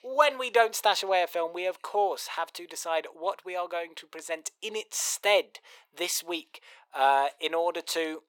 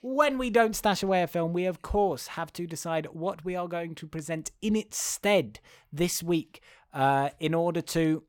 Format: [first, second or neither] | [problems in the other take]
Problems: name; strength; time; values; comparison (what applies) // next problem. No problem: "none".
second | thin; very; fading below 450 Hz